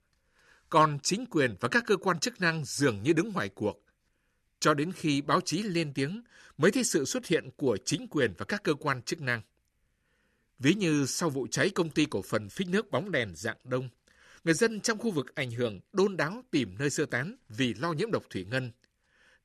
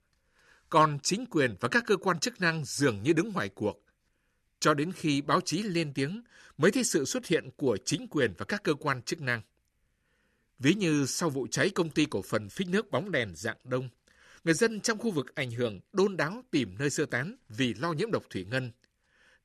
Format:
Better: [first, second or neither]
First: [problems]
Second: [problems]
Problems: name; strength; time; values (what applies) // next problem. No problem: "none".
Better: neither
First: none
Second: none